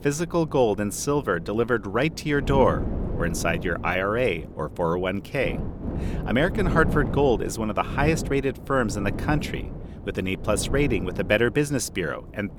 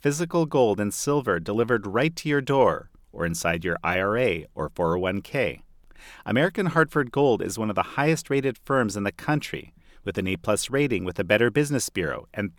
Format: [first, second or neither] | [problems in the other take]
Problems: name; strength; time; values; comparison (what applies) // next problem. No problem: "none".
second | wind noise on the microphone; occasional gusts; 15 dB below the speech